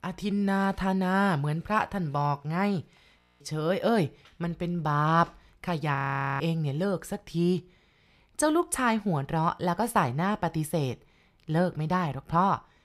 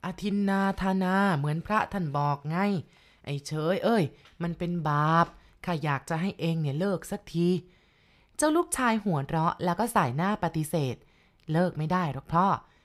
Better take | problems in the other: second | audio freezing; at 3 s and at 6 s

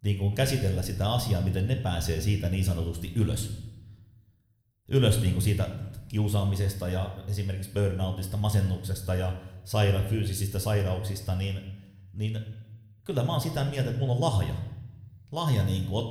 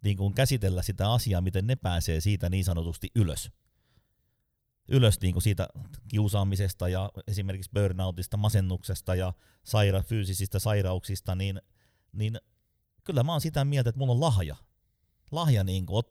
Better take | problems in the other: second | room echo; slight; dies away in 0.8 s

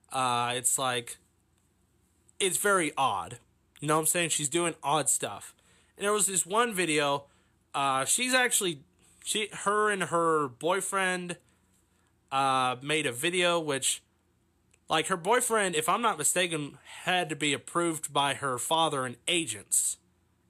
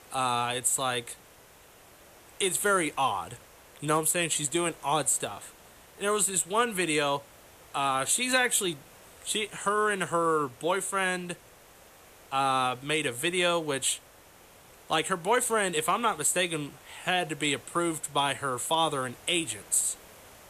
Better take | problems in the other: first | hiss; faint; throughout; 25 dB below the speech

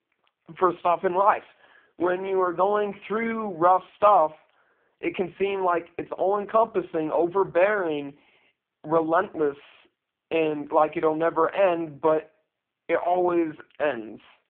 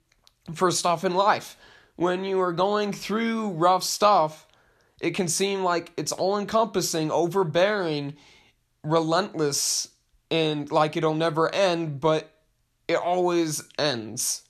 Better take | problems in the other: second | phone-call audio; poor line

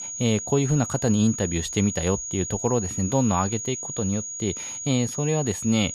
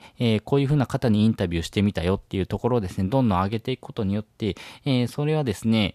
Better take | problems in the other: second | high-pitched whine; loud; throughout; 6.5 kHz, 6 dB below the speech

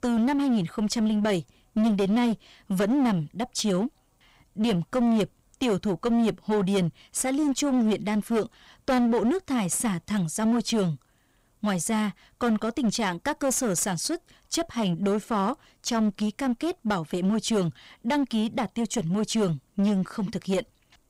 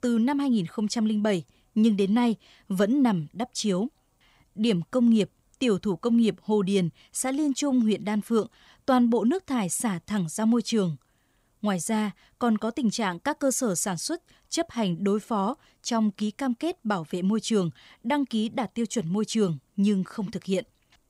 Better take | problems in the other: second | distortion; slight; 15% of the sound clipped

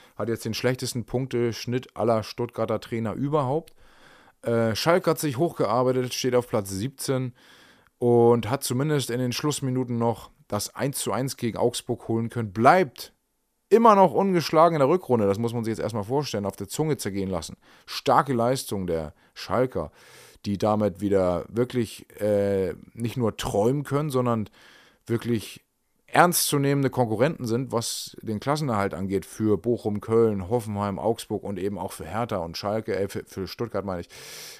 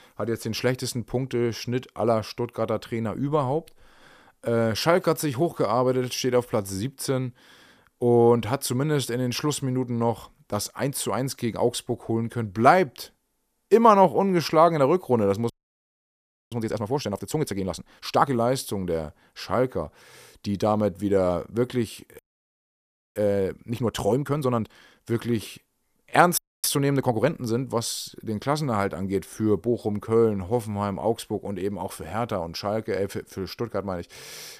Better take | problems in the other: first | audio freezing; at 16 s for 1 s, at 22 s for 1 s and at 26 s

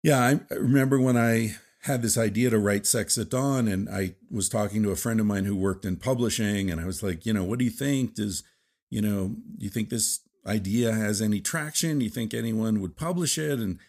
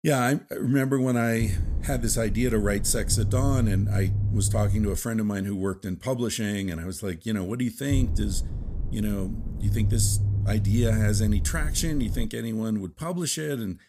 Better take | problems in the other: first | low rumble; noticeable; from 1.5 to 5 s and from 8 to 12 s; 10 dB below the speech

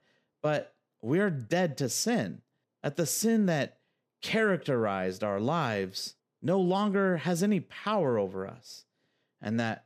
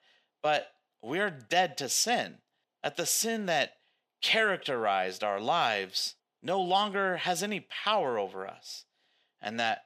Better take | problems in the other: first | thin; somewhat; fading below 850 Hz

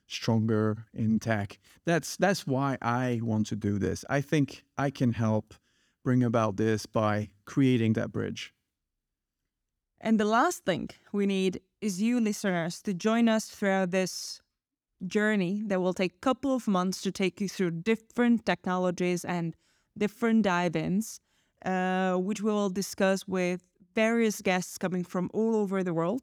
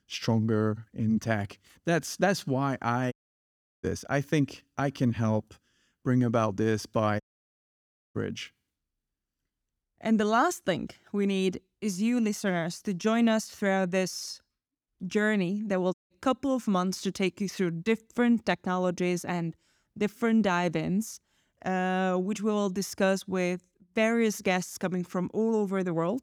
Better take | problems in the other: first | audio cutting out; at 3 s for 0.5 s, at 7 s for 1 s and at 16 s

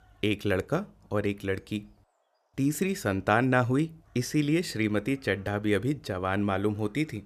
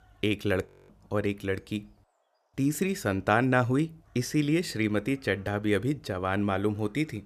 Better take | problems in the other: first | audio freezing; at 0.5 s

